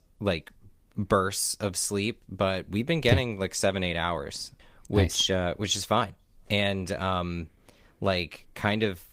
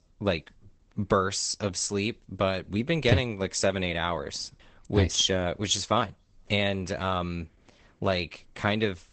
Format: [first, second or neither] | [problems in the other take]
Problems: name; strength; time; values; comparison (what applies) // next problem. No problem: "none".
first | garbled, watery; badly; nothing above 8 kHz; slightly in the first